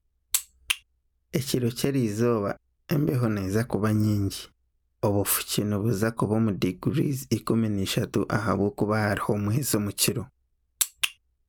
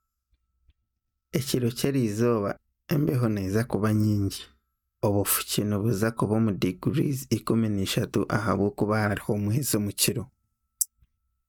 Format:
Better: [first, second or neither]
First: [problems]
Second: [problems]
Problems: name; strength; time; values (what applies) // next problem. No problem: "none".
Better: first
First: none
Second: noise reduction (neural mask model DeepFilterNet 3)